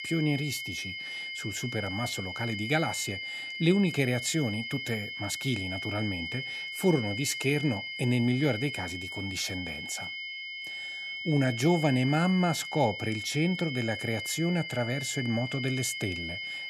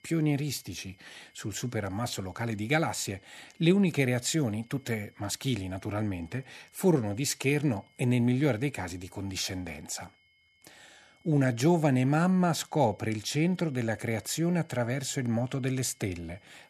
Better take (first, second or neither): second